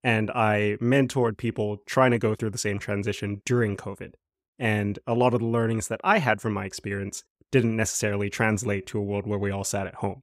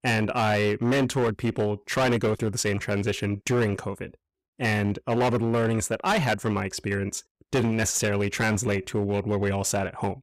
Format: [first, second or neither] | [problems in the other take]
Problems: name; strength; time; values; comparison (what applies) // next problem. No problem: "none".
first | distortion; heavy; 13% of the sound clipped